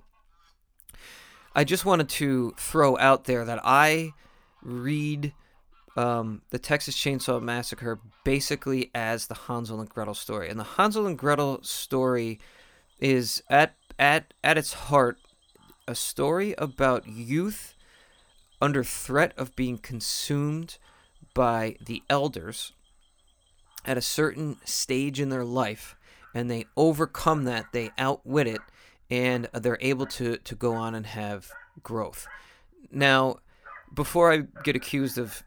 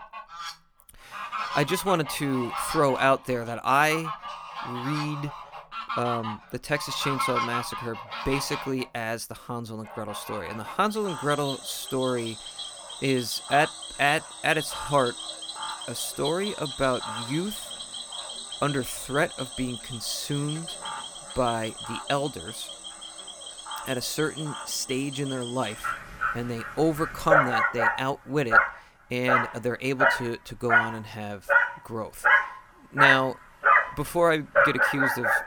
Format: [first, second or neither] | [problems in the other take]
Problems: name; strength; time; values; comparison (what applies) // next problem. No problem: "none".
first | animal sounds; loud; throughout; as loud as the speech; faint in the first